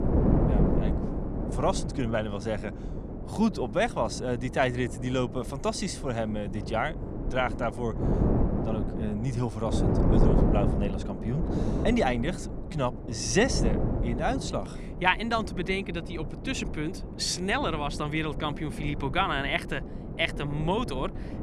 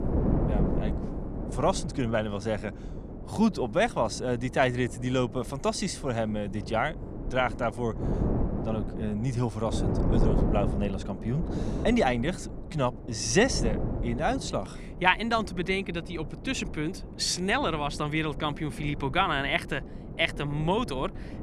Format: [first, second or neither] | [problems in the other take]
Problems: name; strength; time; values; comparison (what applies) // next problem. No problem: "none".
second | wind noise on the microphone; heavy; 7 dB below the speech; occasional gusts in the second